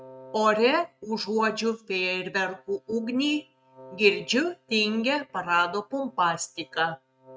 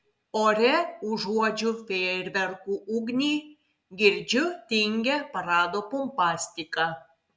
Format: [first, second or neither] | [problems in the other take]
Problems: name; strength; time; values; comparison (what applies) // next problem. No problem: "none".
second | noise reduction (neural mask model RNNoise)